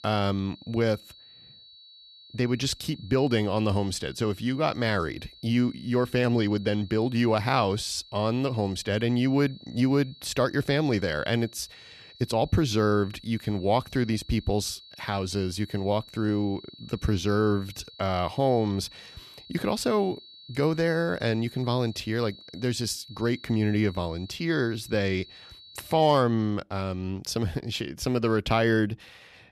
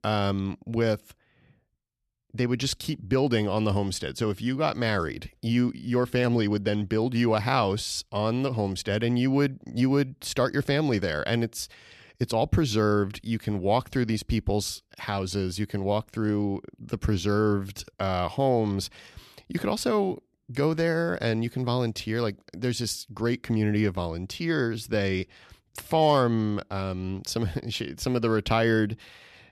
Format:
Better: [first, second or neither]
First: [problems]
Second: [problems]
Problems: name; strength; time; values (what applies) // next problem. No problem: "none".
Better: second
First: high-pitched whine; faint; until 26 s; 4 kHz, 20 dB below the speech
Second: none